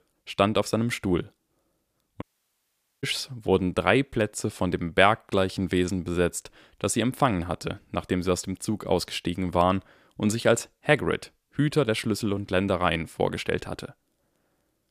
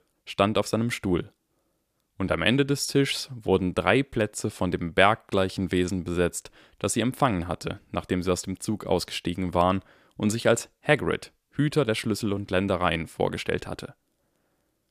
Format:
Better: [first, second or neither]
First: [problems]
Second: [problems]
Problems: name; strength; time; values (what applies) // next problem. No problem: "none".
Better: second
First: audio cutting out; at 2 s for 1 s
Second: none